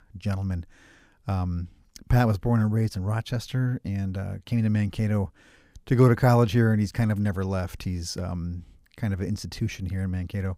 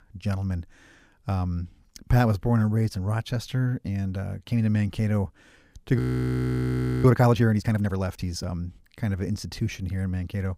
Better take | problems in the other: first | audio freezing; at 6 s for 1 s

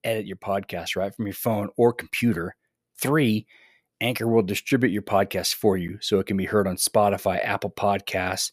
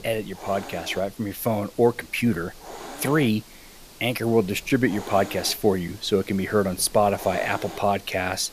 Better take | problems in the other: first | hiss; noticeable; throughout; 15 dB below the speech

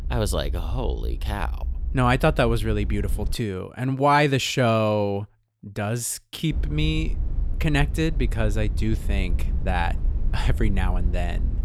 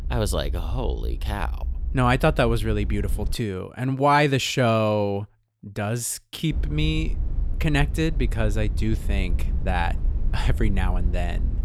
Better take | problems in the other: neither | low rumble; faint; until 3.5 s and from 6.5 s on; 20 dB below the speech; the same in both

